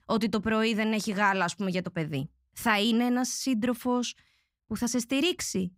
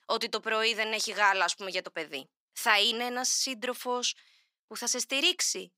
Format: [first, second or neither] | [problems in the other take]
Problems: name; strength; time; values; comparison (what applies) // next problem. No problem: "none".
first | thin; very; fading below 450 Hz